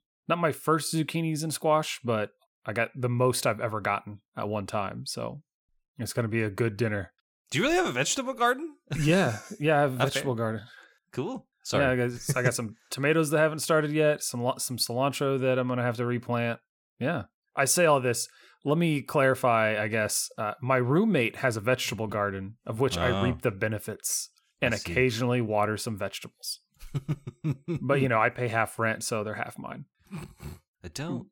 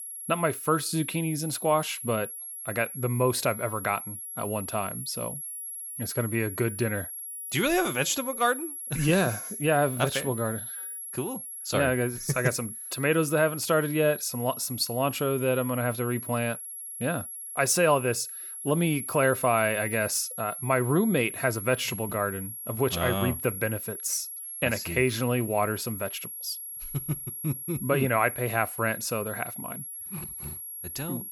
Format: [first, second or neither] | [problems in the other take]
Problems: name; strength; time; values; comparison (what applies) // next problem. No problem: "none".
first | high-pitched whine; loud; throughout; 11 kHz, 8 dB below the speech